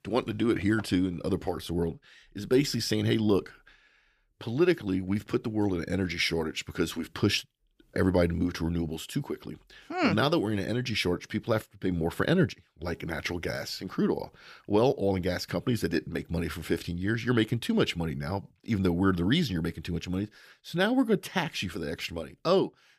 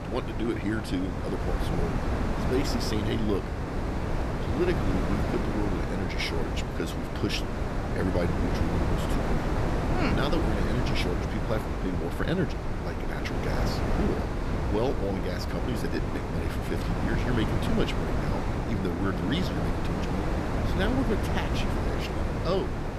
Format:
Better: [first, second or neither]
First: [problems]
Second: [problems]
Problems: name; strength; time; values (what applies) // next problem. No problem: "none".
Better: first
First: none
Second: wind noise on the microphone; heavy; 1 dB above the speech